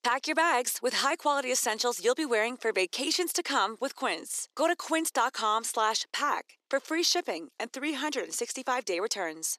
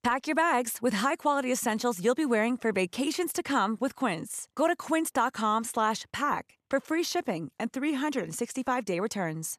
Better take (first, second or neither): second